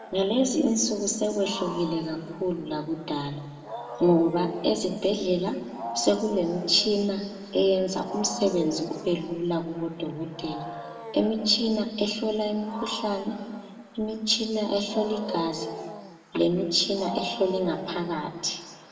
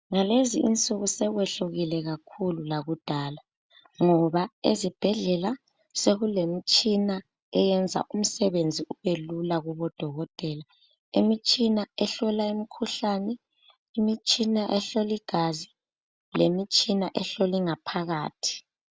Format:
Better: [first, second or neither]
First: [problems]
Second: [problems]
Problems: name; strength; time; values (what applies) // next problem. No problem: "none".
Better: second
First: background sound (Wild animals); 13 dB below the speech // room echo; dies away in 1.6 s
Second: none